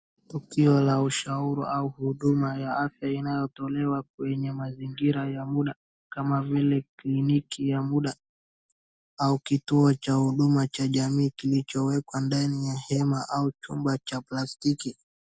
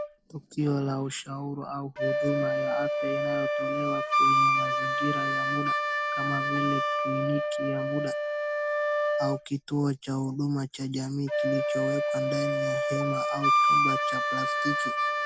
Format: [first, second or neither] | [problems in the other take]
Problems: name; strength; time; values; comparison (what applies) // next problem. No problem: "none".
first | background sound (Wind instrument, woodwind instrument); 5 dB above the speech